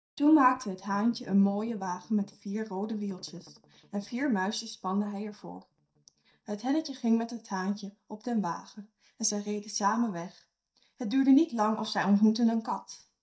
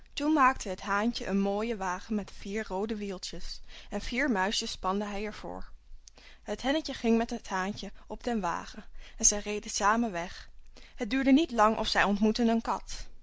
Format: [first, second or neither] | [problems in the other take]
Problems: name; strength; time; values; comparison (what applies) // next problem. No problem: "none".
second | noise reduction (neural mask model DeepFilterNet 3)